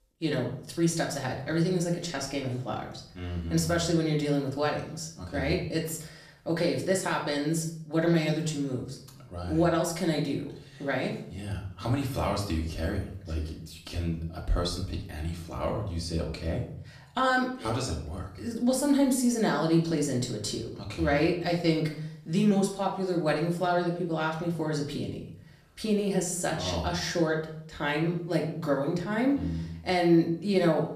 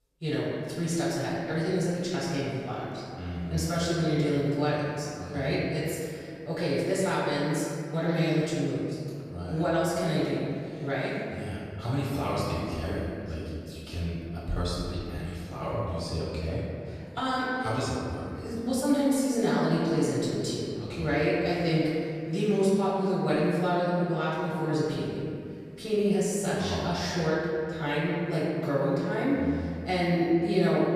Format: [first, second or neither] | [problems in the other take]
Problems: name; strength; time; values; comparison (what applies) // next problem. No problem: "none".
first | room echo; strong; dies away in 2.3 s; slight in the first // off-mic speech; far; far in the first